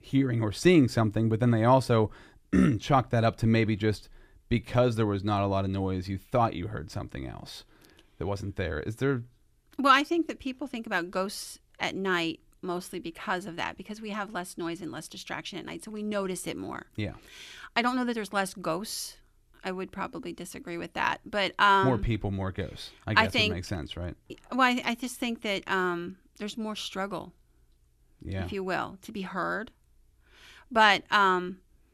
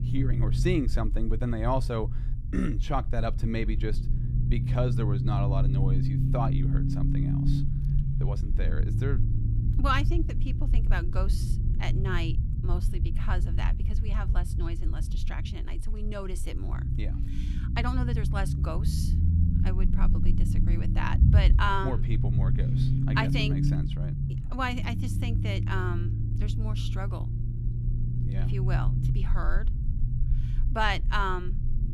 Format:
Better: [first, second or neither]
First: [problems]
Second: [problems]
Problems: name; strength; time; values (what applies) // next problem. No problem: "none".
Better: first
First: none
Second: low rumble; loud; throughout; 7 dB below the speech